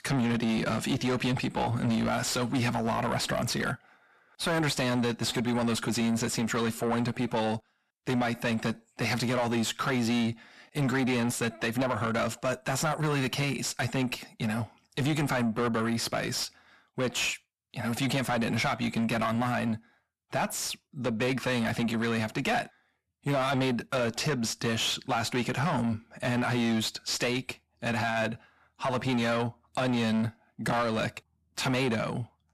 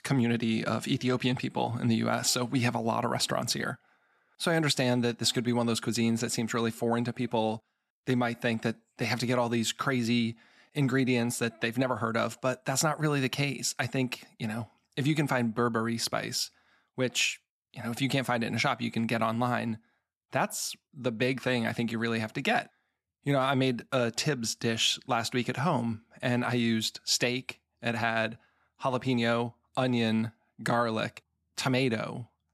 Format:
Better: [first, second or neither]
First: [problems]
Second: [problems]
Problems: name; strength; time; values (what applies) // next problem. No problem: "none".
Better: second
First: distortion; heavy; 7 dB below the speech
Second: none